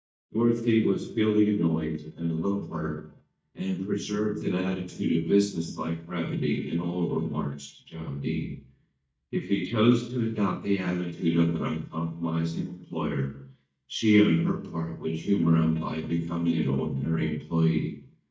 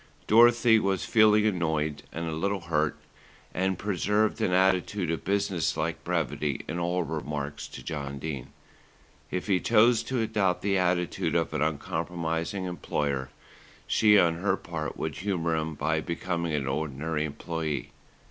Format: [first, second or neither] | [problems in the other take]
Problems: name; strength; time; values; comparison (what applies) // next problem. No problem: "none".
second | noise reduction (neural mask model DeepFilterNet 3)